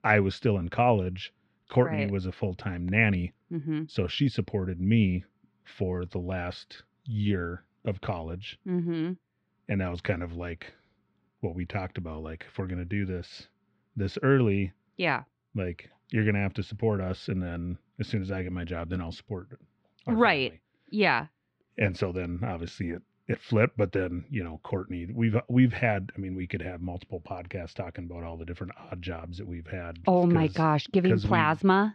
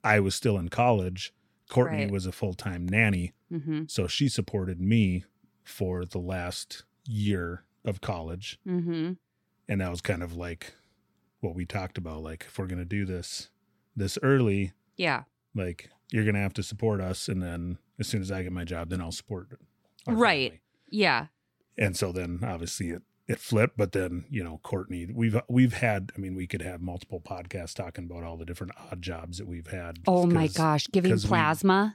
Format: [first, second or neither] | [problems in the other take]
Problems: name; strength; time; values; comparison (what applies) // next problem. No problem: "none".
second | muffled; slightly; fading above 3.5 kHz